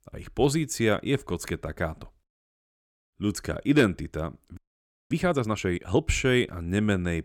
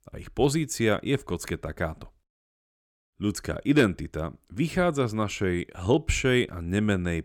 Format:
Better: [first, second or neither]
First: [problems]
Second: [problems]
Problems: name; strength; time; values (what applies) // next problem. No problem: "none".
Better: second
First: audio freezing; at 4.5 s for 0.5 s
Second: none